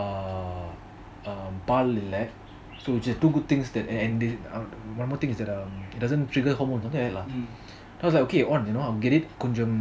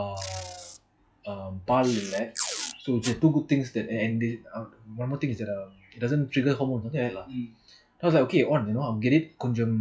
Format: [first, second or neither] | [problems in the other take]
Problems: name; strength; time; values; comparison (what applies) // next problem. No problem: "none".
first | noise reduction (classical method log-MMSE)